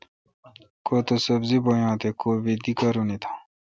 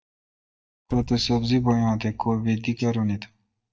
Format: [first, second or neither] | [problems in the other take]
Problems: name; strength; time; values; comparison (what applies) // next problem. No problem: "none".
first | noise reduction (neural mask model DeepFilterNet 3)